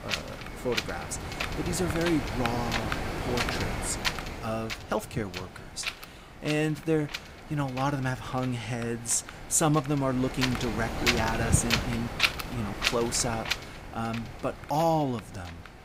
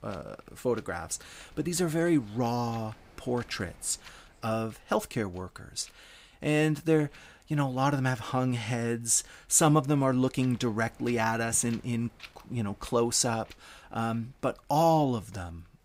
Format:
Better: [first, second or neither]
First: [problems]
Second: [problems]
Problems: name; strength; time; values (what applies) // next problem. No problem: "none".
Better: second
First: wind noise on the microphone; heavy; as loud as the speech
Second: wind noise on the microphone; occasional gusts; 25 dB below the speech